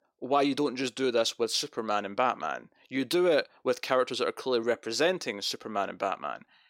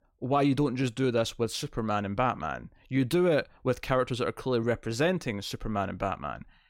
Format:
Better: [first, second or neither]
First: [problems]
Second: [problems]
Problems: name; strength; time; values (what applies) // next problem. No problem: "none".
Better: second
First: thin; very slightly; fading below 350 Hz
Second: none